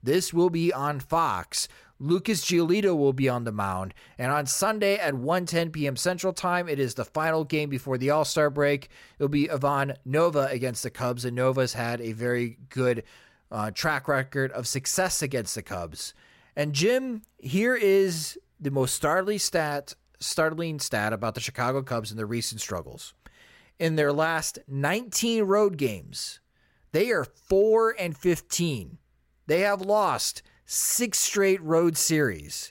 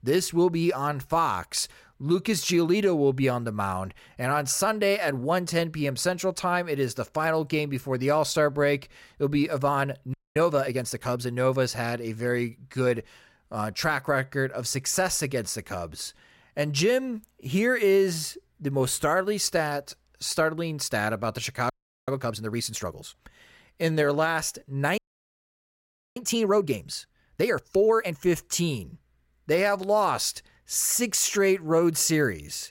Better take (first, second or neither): first